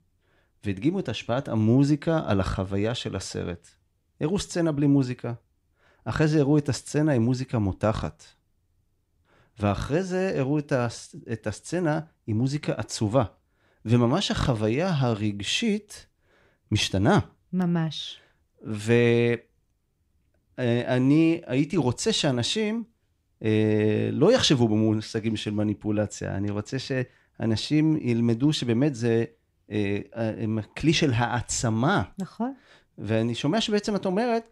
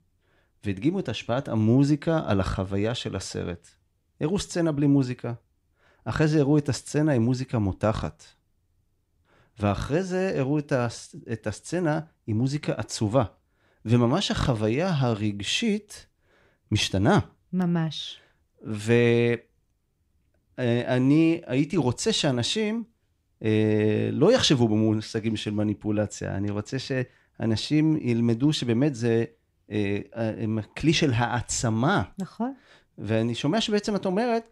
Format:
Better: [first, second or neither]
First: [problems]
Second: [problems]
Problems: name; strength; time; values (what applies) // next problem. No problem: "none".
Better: neither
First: none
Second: none